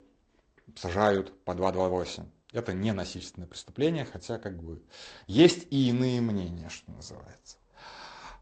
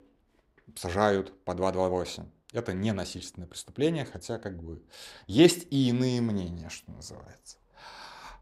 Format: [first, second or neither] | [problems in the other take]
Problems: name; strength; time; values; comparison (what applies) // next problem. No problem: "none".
second | garbled, watery; slightly; nothing above 8 kHz